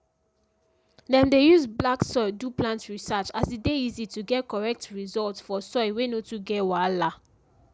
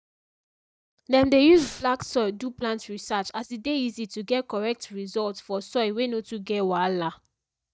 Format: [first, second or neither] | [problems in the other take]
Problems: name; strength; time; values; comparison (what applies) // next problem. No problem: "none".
first | noise reduction (neural mask model DeepFilterNet 3)